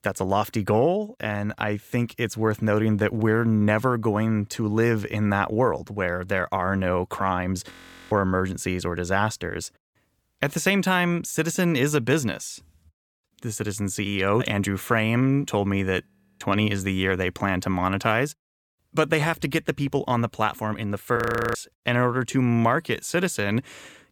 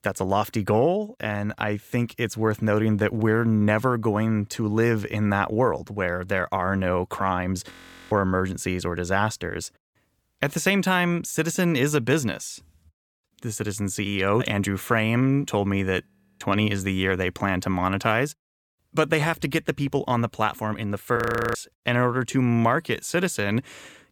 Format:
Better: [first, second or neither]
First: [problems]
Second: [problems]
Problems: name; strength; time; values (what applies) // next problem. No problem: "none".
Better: neither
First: audio freezing; at 7.5 s, at 16 s and at 21 s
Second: audio freezing; at 7.5 s, at 16 s and at 21 s